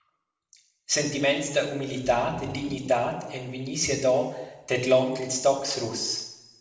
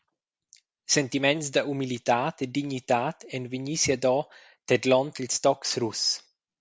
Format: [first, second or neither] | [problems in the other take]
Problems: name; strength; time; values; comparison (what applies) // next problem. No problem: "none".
second | background sound (Growling); 17 dB below the speech // room echo; dies away in 1 s